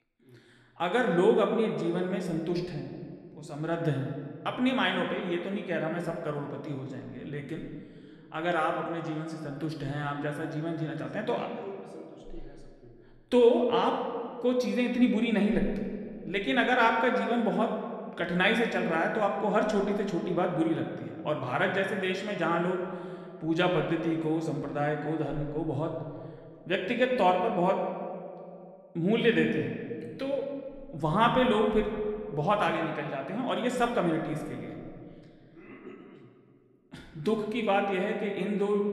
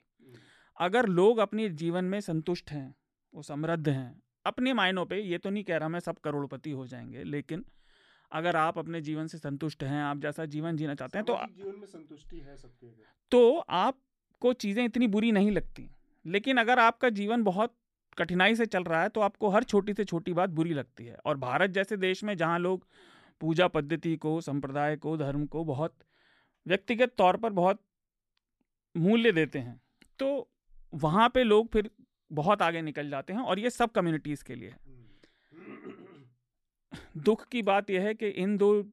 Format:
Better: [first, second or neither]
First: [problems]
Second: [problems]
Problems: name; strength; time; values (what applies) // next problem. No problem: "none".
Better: second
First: room echo; slight; dies away in 1.5 s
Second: none